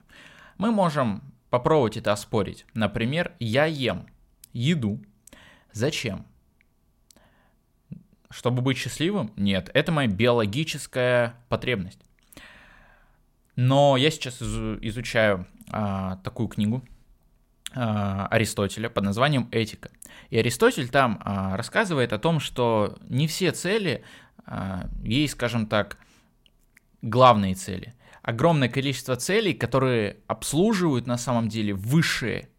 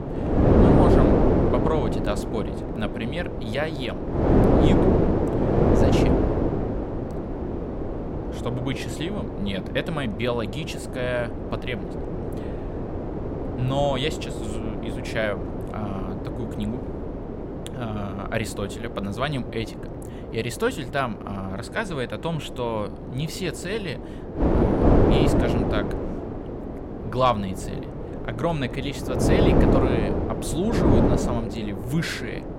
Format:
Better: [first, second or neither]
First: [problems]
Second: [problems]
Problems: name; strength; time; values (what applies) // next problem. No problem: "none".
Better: first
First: none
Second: wind noise on the microphone; heavy; 2 dB above the speech